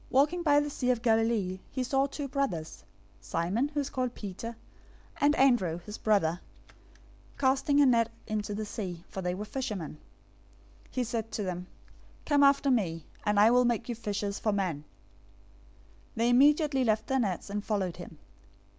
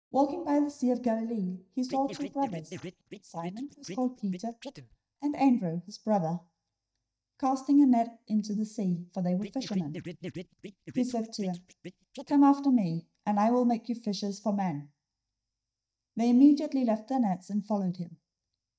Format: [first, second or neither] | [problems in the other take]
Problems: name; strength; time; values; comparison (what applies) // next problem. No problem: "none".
first | noise reduction (neural mask model DeepFilterNet 3)